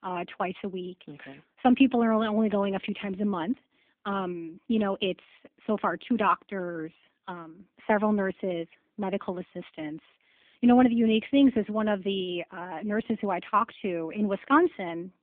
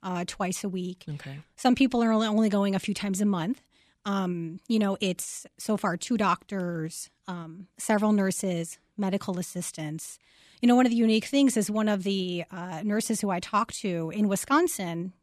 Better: second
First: phone-call audio; nothing above 3.5 kHz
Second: none

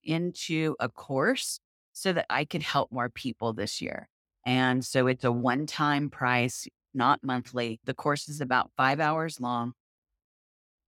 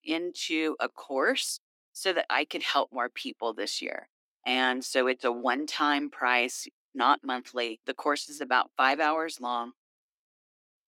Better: first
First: none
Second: thin; very slightly; fading below 300 Hz

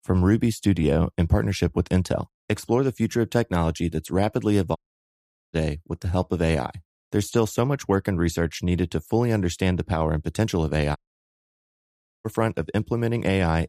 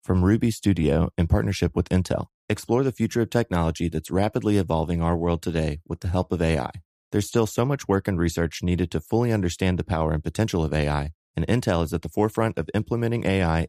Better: second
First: audio cutting out; at 5 s for 1 s and at 11 s for 1.5 s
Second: none

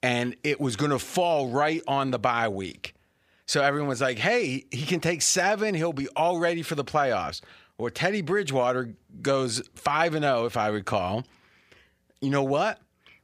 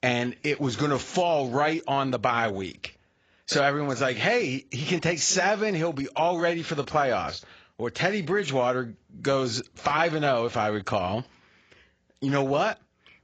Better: first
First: none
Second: garbled, watery; badly; nothing above 7.5 kHz

